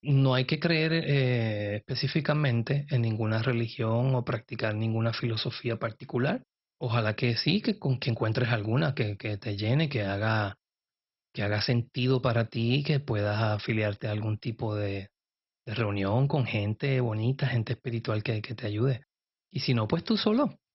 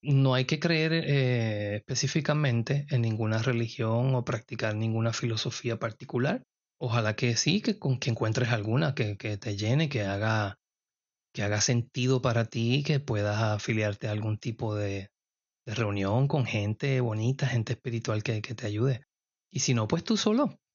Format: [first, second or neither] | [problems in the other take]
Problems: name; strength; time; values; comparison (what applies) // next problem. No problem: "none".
second | garbled, watery; badly; nothing above 5.5 kHz; slightly in the second